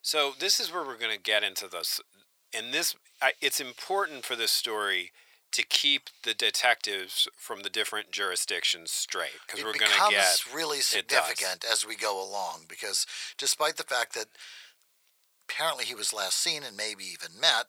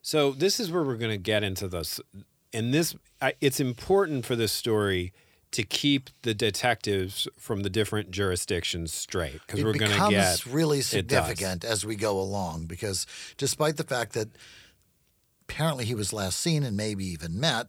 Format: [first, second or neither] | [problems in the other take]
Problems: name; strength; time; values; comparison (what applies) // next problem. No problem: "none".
second | thin; very; fading below 850 Hz